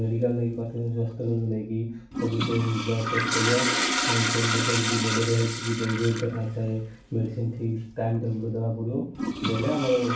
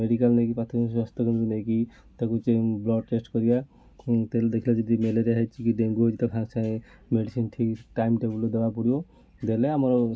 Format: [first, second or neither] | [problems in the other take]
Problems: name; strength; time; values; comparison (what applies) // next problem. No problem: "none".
second | background sound (Toilet flush); 4 dB below the speech // room echo; dies away in 0.4 s